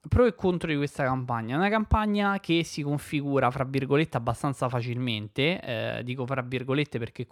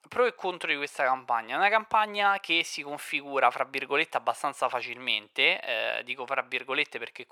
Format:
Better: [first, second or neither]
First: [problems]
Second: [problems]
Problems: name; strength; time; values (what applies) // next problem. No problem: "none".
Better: first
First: none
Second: thin; very; fading below 700 Hz